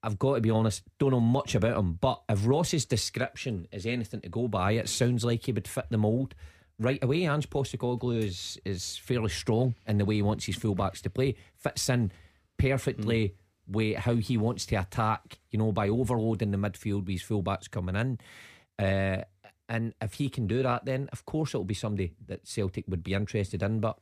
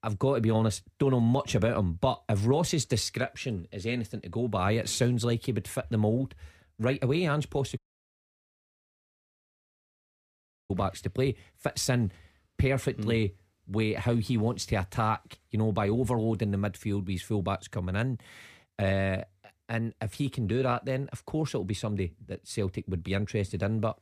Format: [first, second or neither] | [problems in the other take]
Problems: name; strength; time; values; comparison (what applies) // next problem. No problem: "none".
first | audio cutting out; at 8 s for 3 s